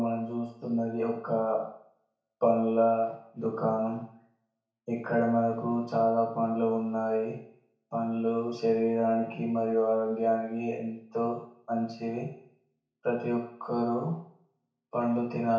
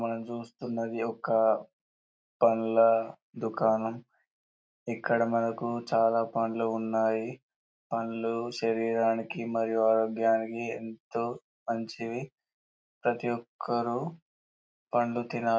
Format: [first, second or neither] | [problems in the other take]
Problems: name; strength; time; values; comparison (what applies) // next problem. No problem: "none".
second | room echo; dies away in 0.6 s